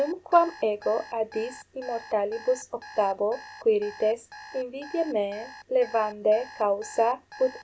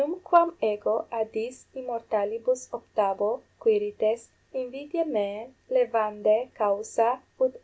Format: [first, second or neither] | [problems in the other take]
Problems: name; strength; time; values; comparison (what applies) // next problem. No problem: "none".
second | background sound (Alarm); 19 dB below the speech